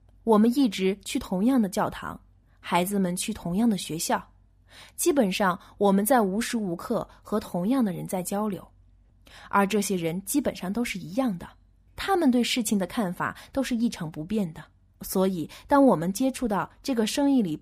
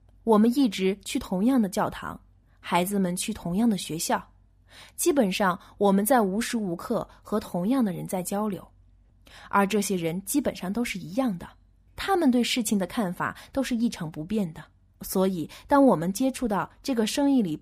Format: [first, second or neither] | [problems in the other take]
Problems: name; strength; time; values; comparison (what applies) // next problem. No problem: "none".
neither | none